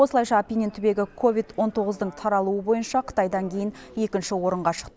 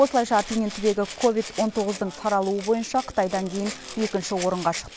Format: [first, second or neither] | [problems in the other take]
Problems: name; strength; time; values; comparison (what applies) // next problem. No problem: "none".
first | background sound (Rattle (instrument)); 14 dB below the speech